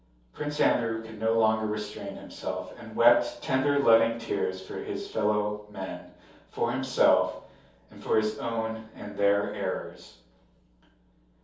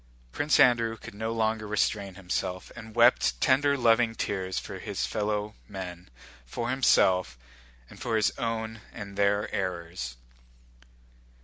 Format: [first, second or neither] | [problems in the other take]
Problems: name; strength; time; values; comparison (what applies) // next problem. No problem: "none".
second | room echo; dies away in 0.6 s